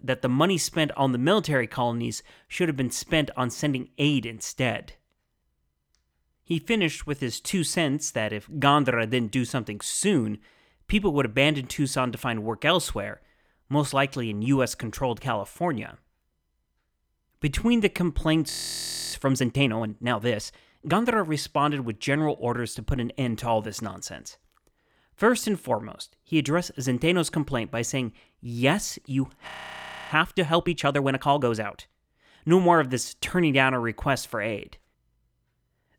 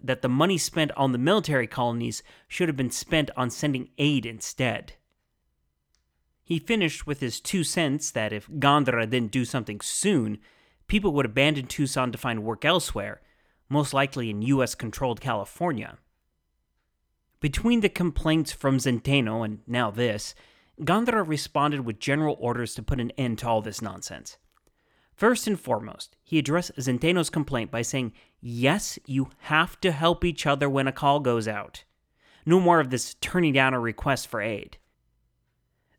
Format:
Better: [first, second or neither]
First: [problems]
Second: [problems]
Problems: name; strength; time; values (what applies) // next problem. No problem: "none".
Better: second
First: audio freezing; at 19 s for 0.5 s and at 29 s for 0.5 s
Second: none